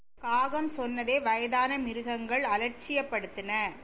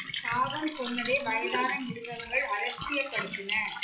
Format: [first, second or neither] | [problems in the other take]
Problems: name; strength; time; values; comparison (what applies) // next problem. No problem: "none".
first | noise reduction (classical method WPE with log-MMSE)